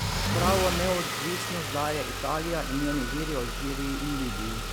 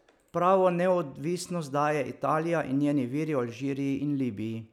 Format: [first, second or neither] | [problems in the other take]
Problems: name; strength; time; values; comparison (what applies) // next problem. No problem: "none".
second | background sound (Engine starting / Car); as loud as the speech